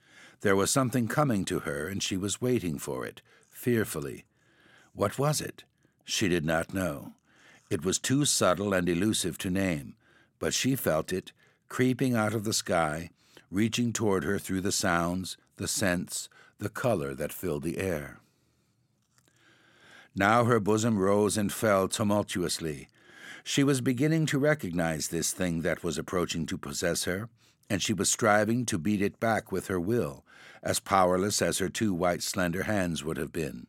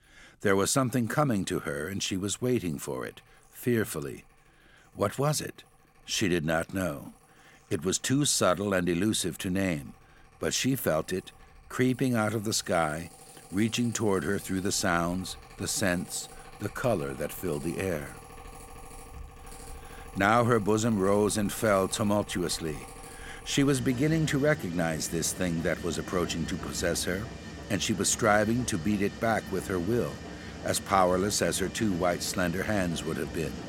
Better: first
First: none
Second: machinery noise; noticeable; throughout; 15 dB below the speech

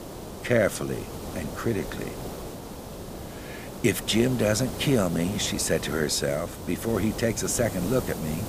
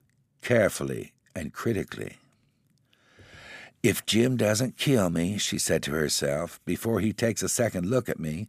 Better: second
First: hiss; noticeable; throughout; 10 dB below the speech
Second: none

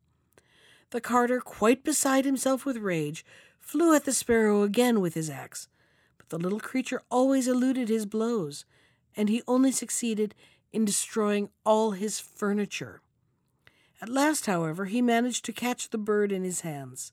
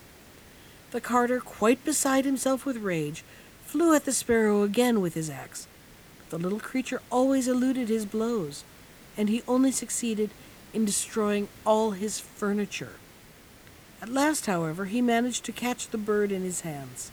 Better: first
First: none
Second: hiss; faint; throughout; 20 dB below the speech

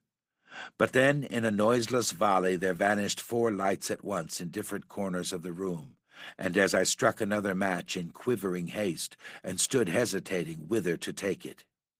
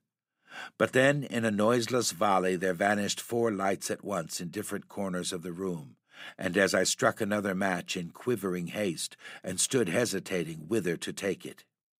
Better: second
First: garbled, watery; slightly; nothing above 15.5 kHz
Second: none

